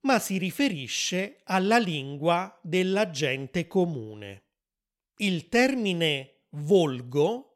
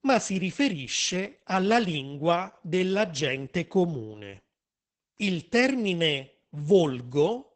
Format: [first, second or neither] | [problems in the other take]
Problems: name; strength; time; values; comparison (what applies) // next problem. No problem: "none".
first | garbled, watery; badly; nothing above 8 kHz